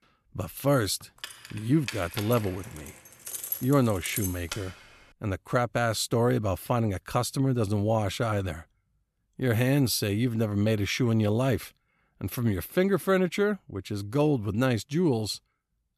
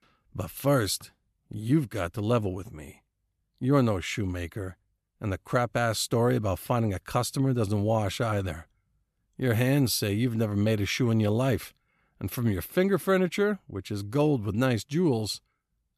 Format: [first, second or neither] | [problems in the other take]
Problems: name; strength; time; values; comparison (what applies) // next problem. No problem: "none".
second | jangling keys; noticeable; from 1 to 4.5 s; peak 5 dB below the speech